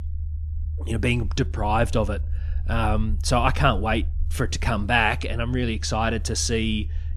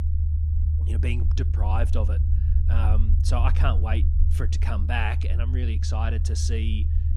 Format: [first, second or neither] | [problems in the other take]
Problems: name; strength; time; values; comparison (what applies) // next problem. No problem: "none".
first | low rumble; loud; throughout; 7 dB below the speech; faint in the first